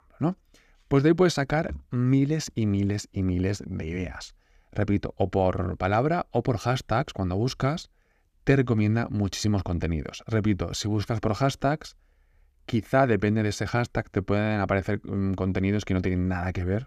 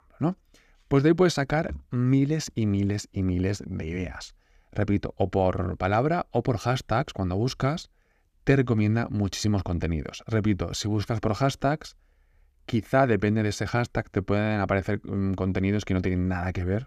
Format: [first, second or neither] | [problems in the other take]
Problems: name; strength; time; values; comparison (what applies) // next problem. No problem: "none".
neither | none